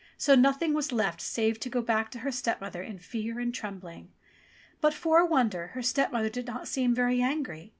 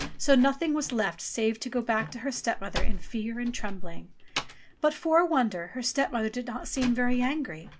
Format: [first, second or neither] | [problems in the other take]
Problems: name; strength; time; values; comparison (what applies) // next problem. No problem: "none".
first | background sound (Slam); 3 dB below the speech